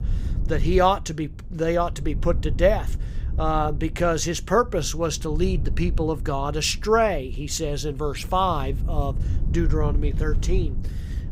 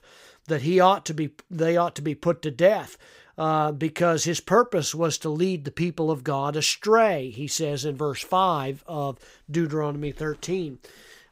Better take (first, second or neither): second